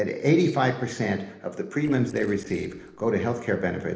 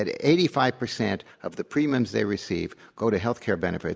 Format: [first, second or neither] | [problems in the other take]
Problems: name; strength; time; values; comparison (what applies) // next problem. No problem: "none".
second | noise reduction (neural separator model SepFormer DNS4)